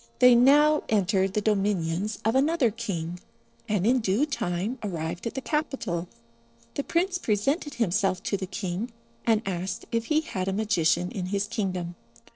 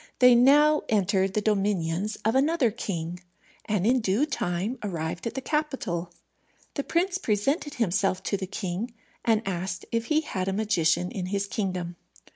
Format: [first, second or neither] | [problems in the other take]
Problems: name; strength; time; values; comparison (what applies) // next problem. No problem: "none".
second | noise reduction (neural separator model SepFormer DNS4)